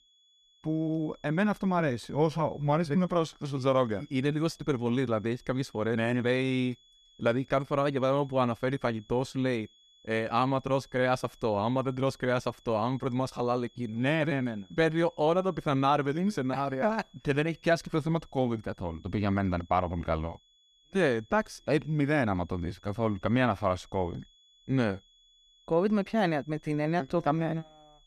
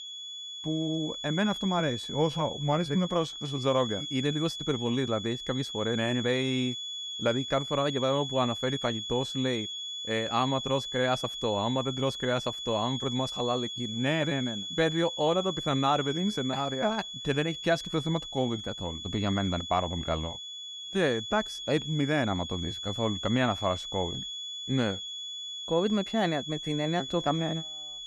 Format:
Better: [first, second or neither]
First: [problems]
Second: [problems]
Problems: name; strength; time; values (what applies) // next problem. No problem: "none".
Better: first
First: high-pitched whine; faint; throughout; 3.5 kHz, 30 dB below the speech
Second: high-pitched whine; loud; throughout; 3.5 kHz, 6 dB below the speech